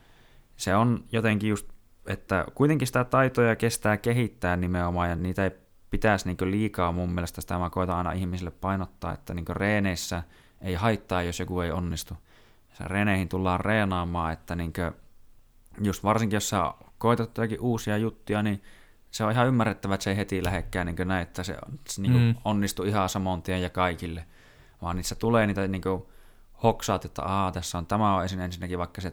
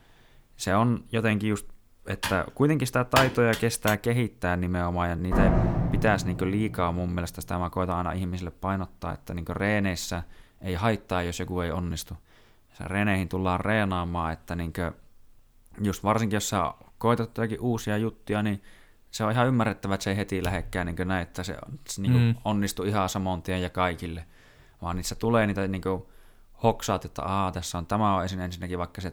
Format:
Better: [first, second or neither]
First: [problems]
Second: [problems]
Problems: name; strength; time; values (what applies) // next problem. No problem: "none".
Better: first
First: none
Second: keyboard typing; loud; from 2 to 4 s; peak 1 dB above the speech // door banging; loud; from 5.5 to 6.5 s; peak 5 dB above the speech